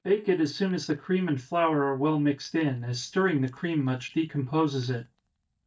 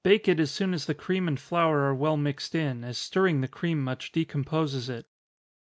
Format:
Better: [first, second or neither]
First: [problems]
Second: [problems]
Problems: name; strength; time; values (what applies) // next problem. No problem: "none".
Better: second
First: noise reduction (neural mask model DeepFilterNet 3)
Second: none